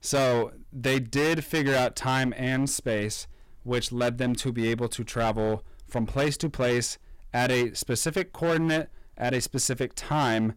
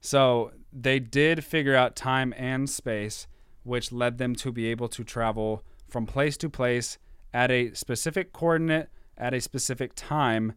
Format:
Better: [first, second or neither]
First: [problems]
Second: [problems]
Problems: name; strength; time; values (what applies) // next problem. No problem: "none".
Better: second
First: distortion; heavy; 12% of the sound clipped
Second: none